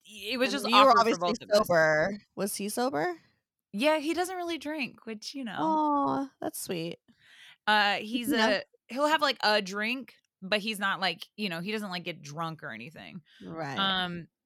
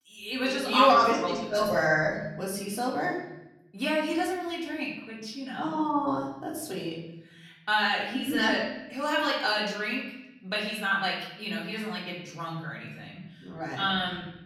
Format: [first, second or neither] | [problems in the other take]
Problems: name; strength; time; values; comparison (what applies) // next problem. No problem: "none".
first | off-mic speech; far // room echo; noticeable; dies away in 0.9 s